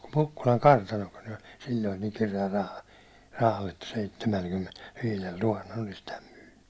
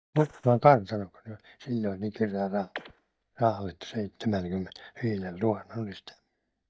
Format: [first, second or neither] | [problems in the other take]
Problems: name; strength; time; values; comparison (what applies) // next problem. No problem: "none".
first | noise reduction (neural mask model DeepFilterNet 3)